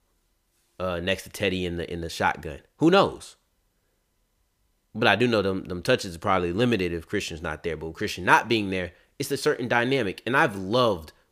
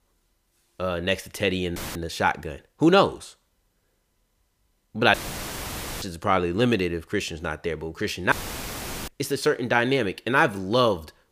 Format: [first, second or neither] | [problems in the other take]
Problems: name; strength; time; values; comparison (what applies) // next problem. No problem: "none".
first | audio cutting out; filled with static; at 2 s, at 5 s for 1 s and at 8.5 s for 1 s